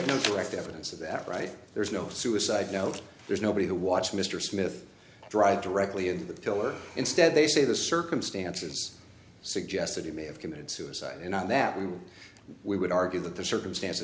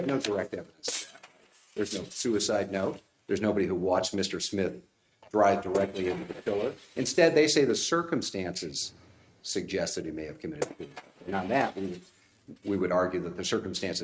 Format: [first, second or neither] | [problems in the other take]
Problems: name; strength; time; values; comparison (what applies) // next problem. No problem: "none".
first | noise reduction (neural mask model RNNoise)